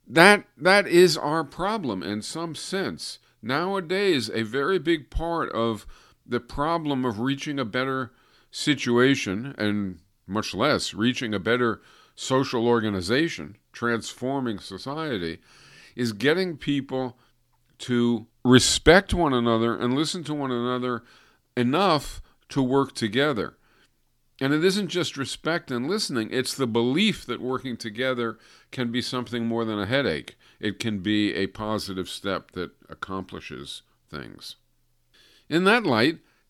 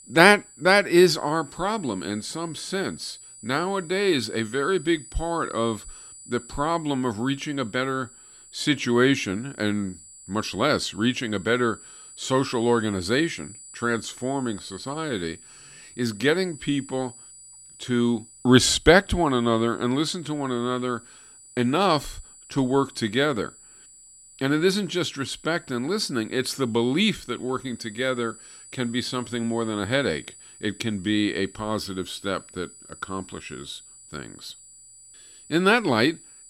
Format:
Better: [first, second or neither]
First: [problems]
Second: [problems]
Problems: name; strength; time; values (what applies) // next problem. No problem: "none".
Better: first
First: none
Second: high-pitched whine; noticeable; throughout; 8 kHz, 20 dB below the speech